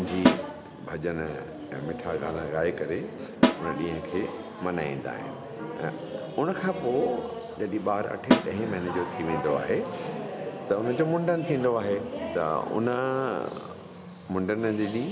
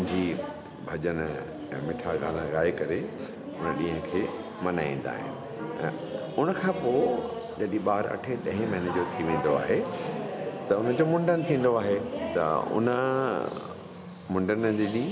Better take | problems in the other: second | background sound (Snare drum); as loud as the speech

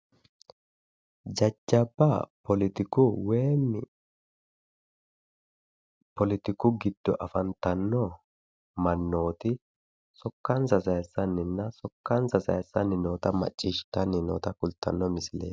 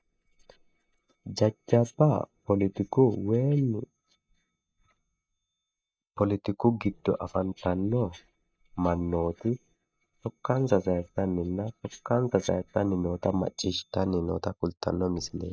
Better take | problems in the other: first | noise reduction (neural mask model DeepFilterNet 3)

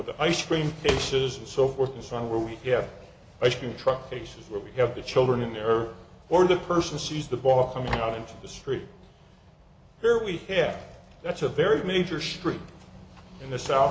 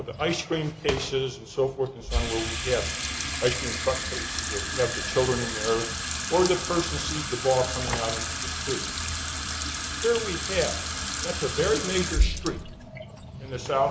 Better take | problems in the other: first | background sound (Sink (filling or washing) / Water tap, faucet); 2 dB below the speech

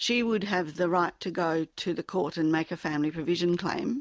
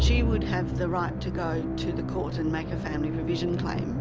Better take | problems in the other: first | background sound (Musical instrument); 3 dB above the speech

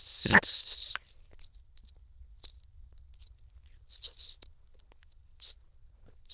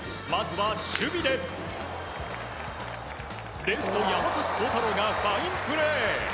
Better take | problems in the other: second | noise reduction (neural diffusion model UNIVERSE++)

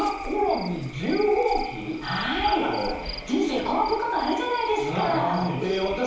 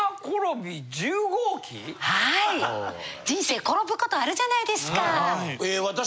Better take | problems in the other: second | background sound (Cricket / Frog); 13 dB below the speech // room echo; dies away in 2.2 s

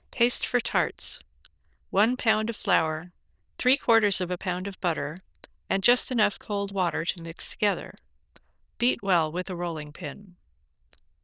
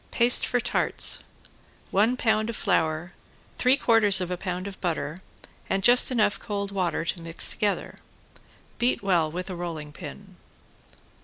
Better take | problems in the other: second | noise reduction (neural diffusion model UNIVERSE++)

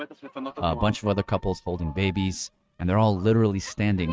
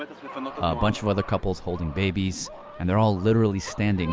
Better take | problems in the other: second | noise reduction (neural mask model RNNoise)

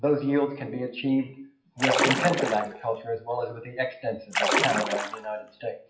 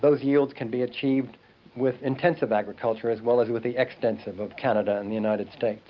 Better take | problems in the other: second | noise reduction (classical method WPE with log-MMSE)

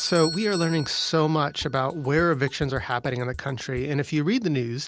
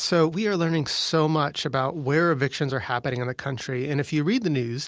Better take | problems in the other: second | background sound (Drum kit + Bell / Doorbell); 16 dB below the speech

